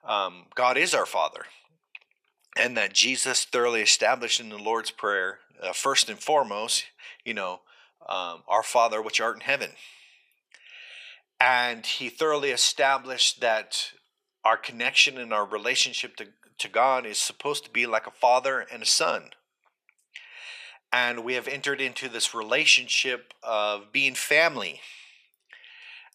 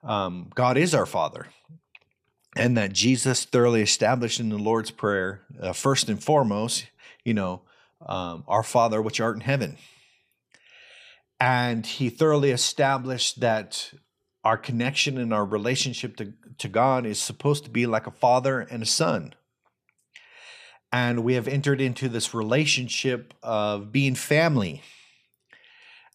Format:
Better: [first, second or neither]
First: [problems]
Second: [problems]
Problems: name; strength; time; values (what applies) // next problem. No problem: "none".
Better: second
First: thin; very; fading below 600 Hz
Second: none